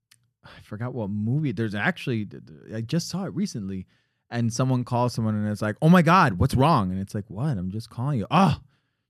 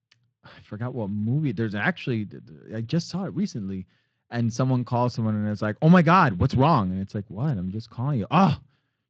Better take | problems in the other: first | garbled, watery; slightly

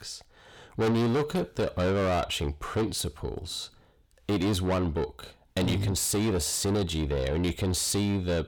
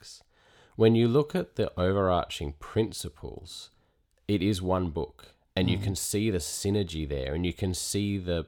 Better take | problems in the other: second | distortion; heavy; 6 dB below the speech

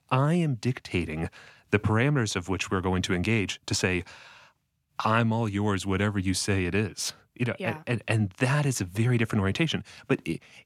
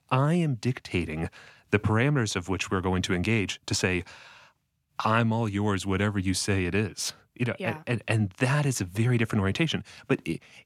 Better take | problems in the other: neither | none

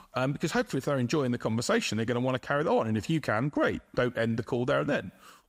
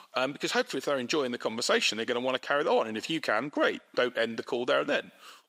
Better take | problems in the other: first | thin; somewhat; fading below 350 Hz

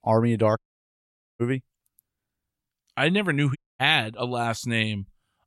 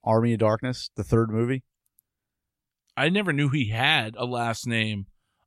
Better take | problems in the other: second | audio cutting out; at 0.5 s for 1 s and at 3.5 s

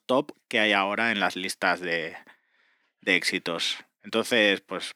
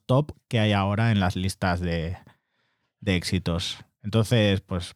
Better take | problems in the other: second | thin; somewhat; fading below 300 Hz

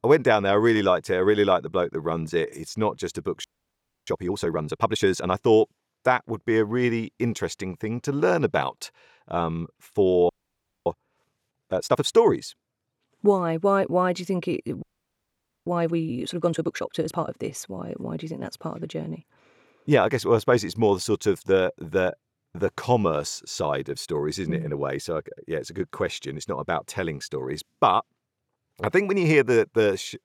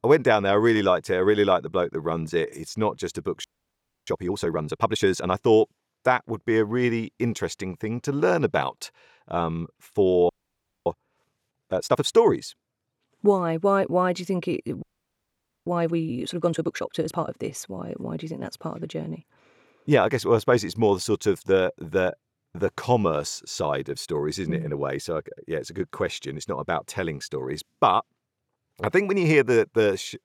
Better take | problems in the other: neither | audio freezing; at 3.5 s for 0.5 s, at 10 s for 0.5 s and at 15 s for 1 s; the same in both

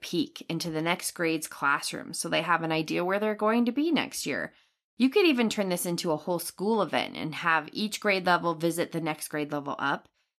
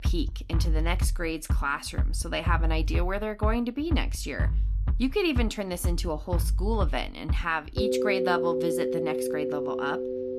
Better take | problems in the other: first | background music; very loud; throughout; 1 dB above the speech

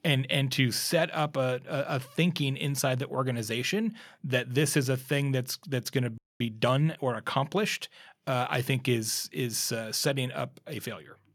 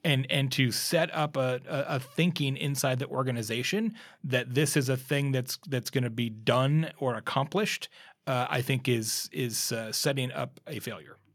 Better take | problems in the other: second | audio freezing; at 6 s

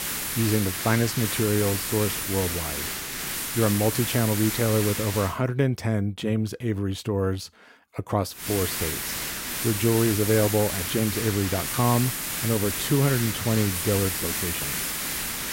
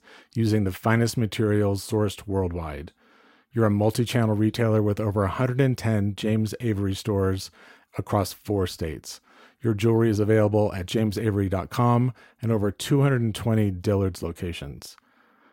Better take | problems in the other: second | hiss; loud; until 5.5 s and from 8.5 s on; 2 dB below the speech

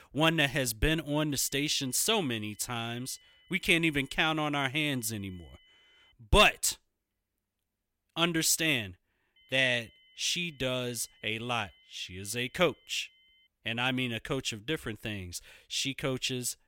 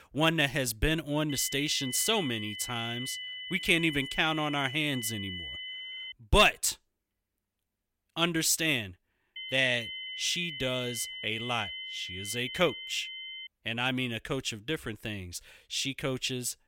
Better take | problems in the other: first | high-pitched whine; loud; from 1.5 to 6 s and from 9.5 to 13 s; 3 kHz, 8 dB below the speech; faint in the first

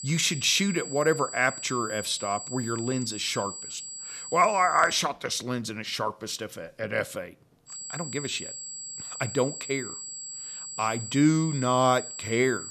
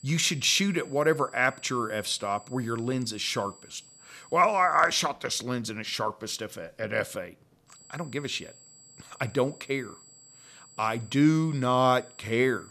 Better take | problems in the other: second | high-pitched whine; loud; until 5 s and from 7.5 s on; 7.5 kHz, 9 dB below the speech; faint in the second

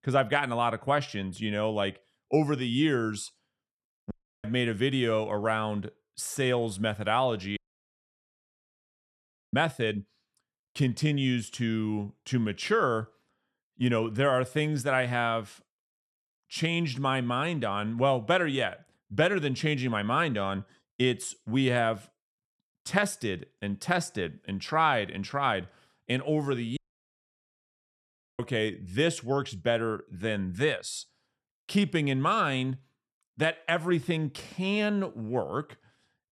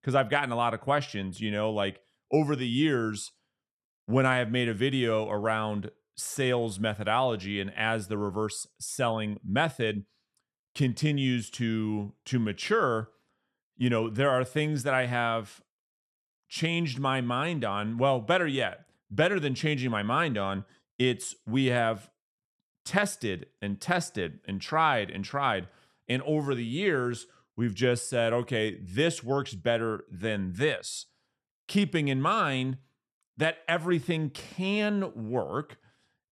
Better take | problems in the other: second | audio cutting out; at 4 s, at 7.5 s for 2 s and at 27 s for 1.5 s

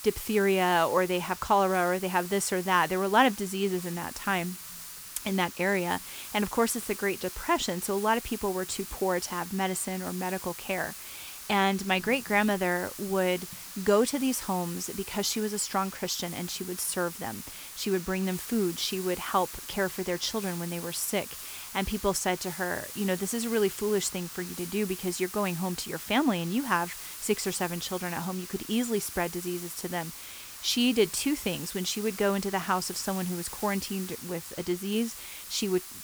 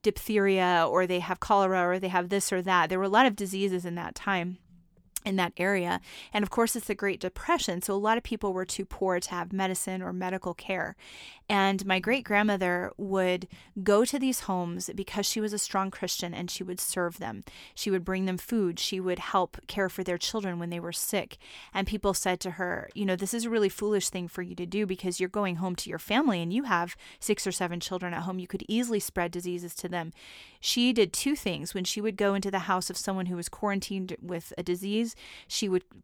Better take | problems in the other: second | hiss; noticeable; throughout; 10 dB below the speech

